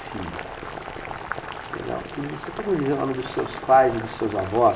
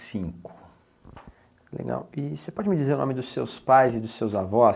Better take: second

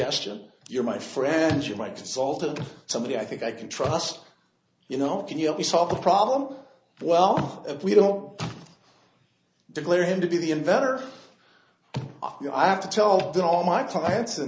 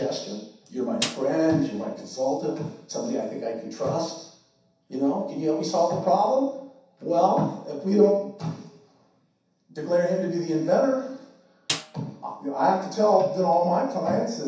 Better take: first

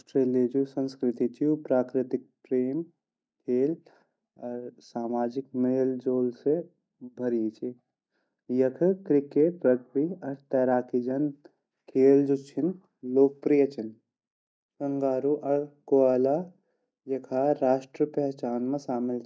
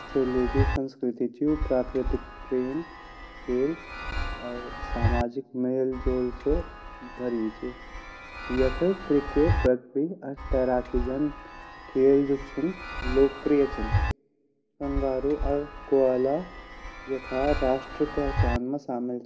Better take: first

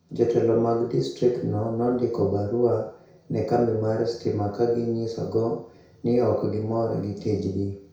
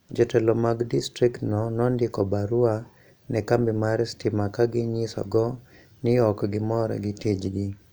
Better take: second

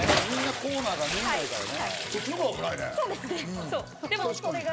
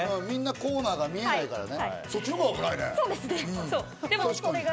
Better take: second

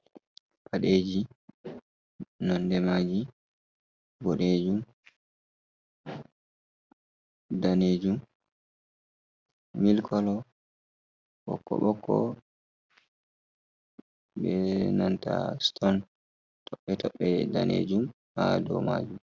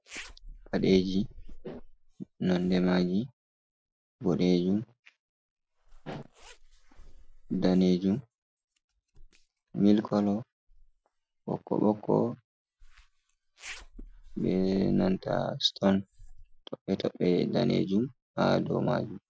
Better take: first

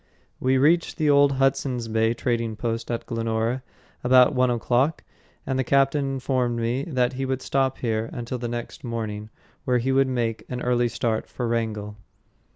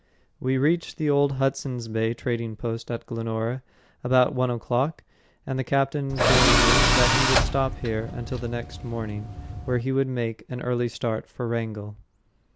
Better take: first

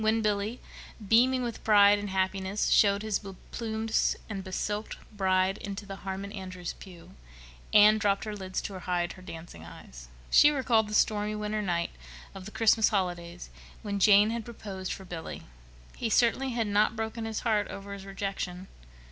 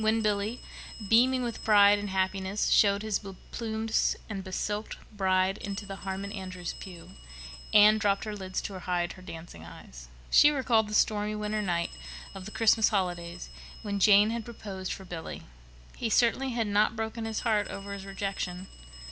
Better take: first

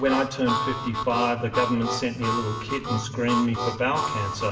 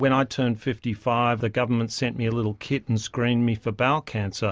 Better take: second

